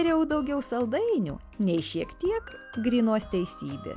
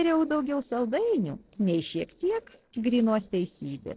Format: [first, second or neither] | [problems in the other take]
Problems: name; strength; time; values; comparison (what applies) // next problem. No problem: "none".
first | noise reduction (neural separator model SepFormer DNS4)